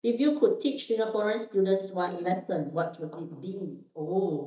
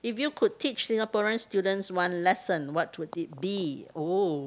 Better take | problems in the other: second | noise reduction (neural mask model DeepFilterNet 3)

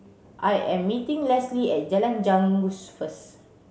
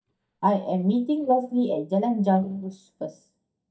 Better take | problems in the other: first | noise reduction (neural mask model DeepFilterNet 3)

